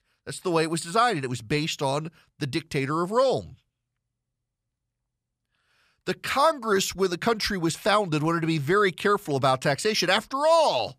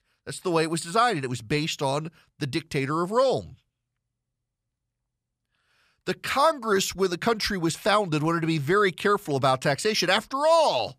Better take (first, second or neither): neither